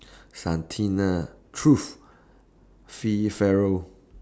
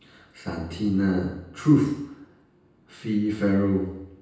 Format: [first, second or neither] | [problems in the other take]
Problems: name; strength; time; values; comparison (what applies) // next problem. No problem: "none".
first | room echo; dies away in 0.9 s